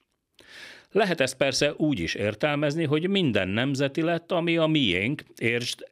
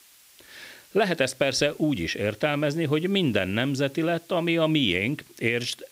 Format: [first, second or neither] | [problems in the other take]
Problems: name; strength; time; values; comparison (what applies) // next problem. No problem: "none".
first | hiss; faint; throughout; 25 dB below the speech